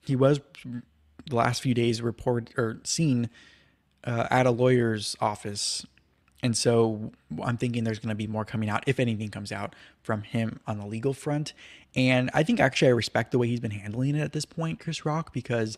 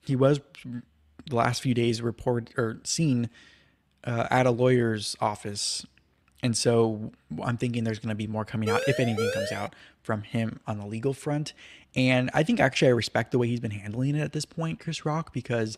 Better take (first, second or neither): first